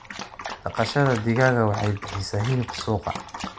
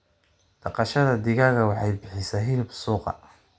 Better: second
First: background sound (Dog); 11 dB below the speech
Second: none

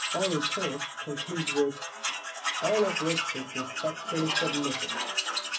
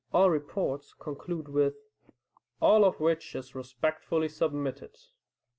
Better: second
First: background sound (Tools); as loud as the speech // room echo; dies away in 0.4 s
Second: none

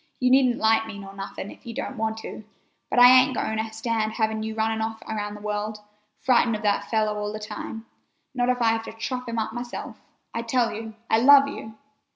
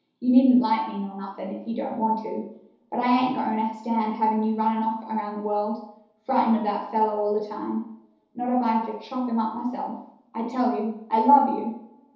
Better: first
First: none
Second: room echo; dies away in 0.8 s

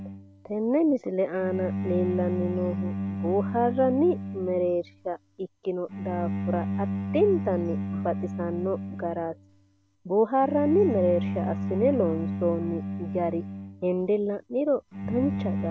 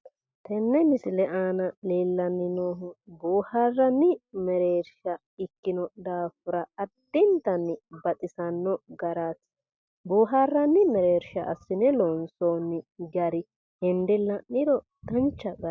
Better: second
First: background sound (Bowed string instrument); 5 dB below the speech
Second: none

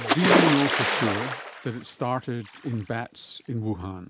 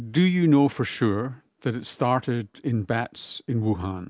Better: second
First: background sound (Splash, splatter); 1 dB above the speech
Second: none

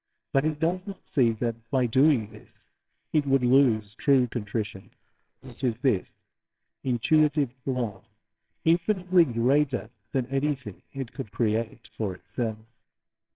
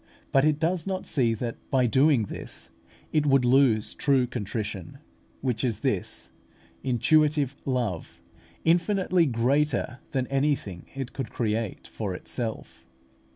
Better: second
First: noise reduction (neural separator model SepFormer WHAMR!)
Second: none

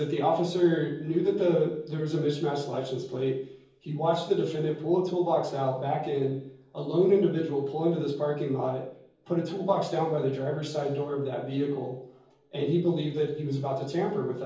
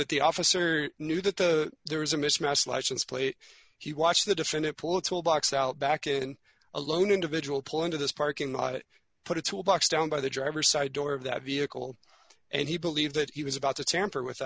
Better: second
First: room echo; dies away in 0.7 s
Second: none

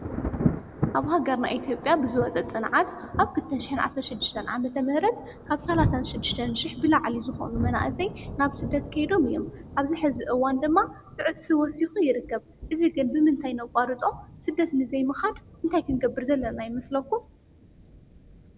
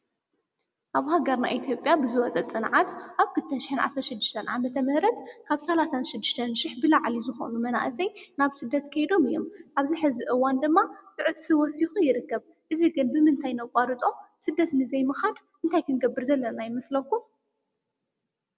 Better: second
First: background sound (Thunder); 9 dB below the speech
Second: none

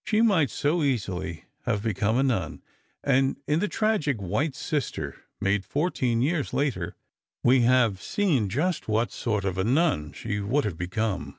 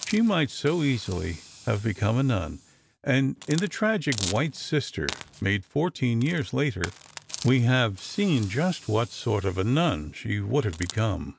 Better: first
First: none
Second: background sound (Hiss); 17 dB below the speech

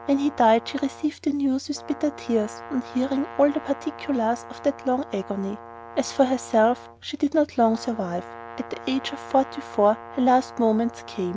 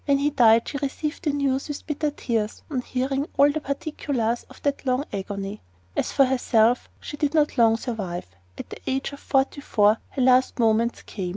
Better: second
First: background sound (Brass instrument); 16 dB below the speech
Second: none

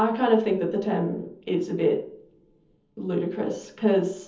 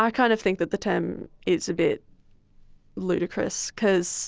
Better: second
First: room echo; dies away in 0.7 s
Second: none

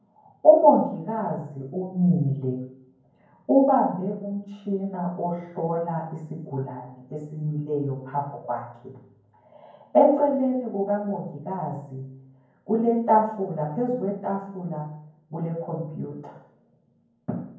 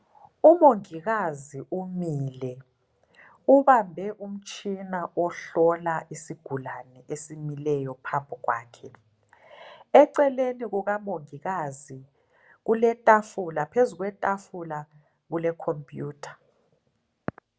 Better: second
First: room echo; dies away in 0.9 s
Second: none

